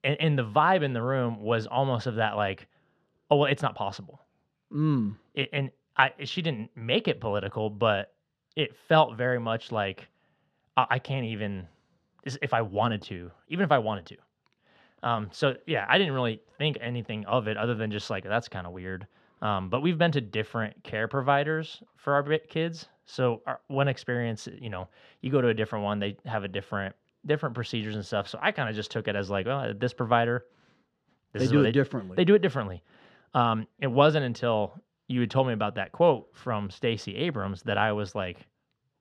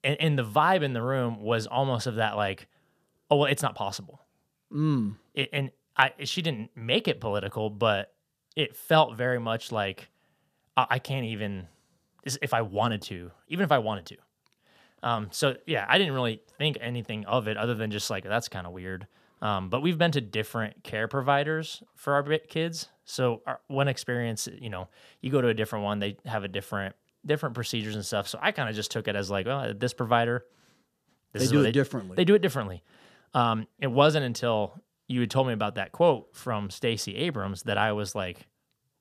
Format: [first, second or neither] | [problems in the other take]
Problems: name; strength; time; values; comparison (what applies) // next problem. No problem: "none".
second | muffled; slightly; fading above 3.5 kHz